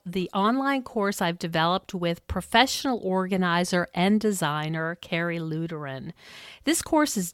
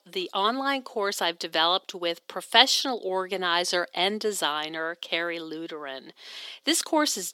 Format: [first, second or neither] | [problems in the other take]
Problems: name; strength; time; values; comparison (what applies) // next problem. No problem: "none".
first | thin; somewhat; fading below 300 Hz